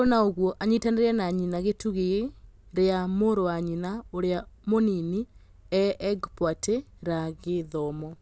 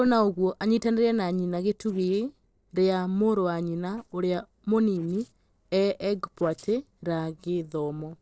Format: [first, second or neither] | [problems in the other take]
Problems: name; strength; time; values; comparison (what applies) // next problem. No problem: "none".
first | noise reduction (neural separator model SepFormer DNS4)